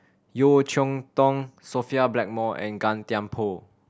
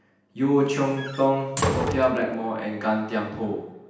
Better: first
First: none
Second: background sound (Slam); 5 dB below the speech // room echo; dies away in 0.9 s

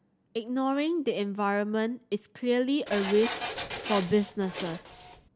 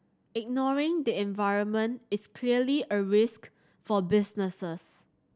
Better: second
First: background sound (Printer); 8 dB below the speech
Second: none

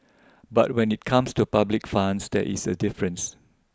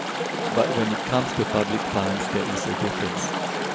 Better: first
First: none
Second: background sound (Chatter / Stream); as loud as the speech

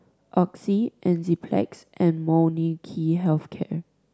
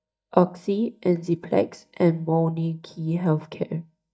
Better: first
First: none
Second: noise reduction (neural mask model DeepFilterNet 3)

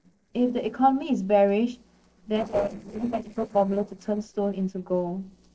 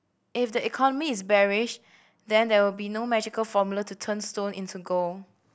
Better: second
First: noise reduction (neural separator model SepFormer DNS4)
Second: none

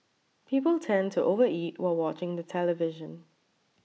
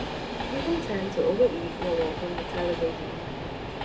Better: first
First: none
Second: background sound (Train); 4 dB below the speech // room echo; dies away in 0.2 s

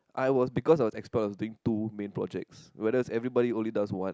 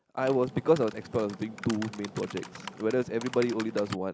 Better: first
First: none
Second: background sound (Typing); 14 dB below the speech

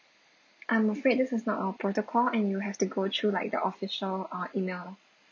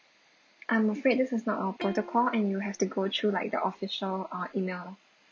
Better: first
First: none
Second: background sound (Plucked string instrument); 18 dB below the speech

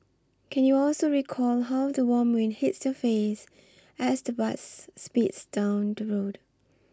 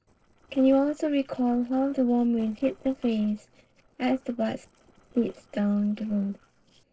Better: first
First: none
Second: noise reduction (neural separator model SepFormer DNS4)

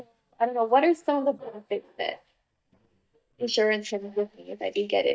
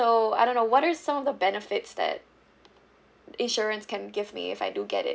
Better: second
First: noise reduction (neural mask model DeepFilterNet 3)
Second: none

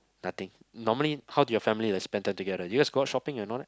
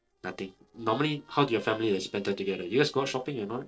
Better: first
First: none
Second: noise reduction (neural separator model SepFormer DNS4)

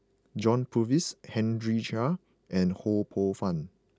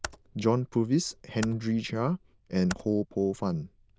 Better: first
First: none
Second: noise reduction (neural diffusion model UNIVERSE++)

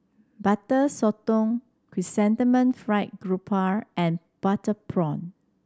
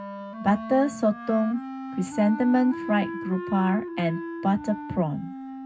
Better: first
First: none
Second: background sound (Wind instrument, woodwind instrument); 10 dB below the speech // room echo; dies away in 0.4 s

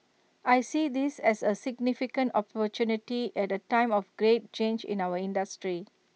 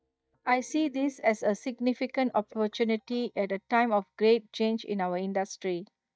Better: first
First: none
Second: noise reduction (neural mask model DeepFilterNet 3)

